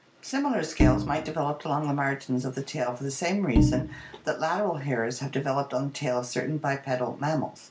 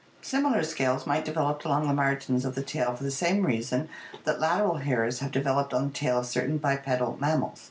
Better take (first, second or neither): second